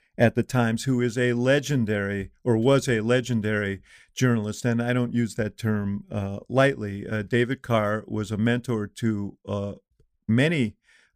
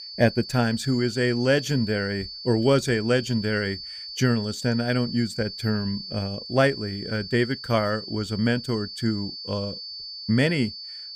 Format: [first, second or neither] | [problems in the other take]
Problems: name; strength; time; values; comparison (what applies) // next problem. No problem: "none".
first | high-pitched whine; loud; throughout; 4.5 kHz, 10 dB below the speech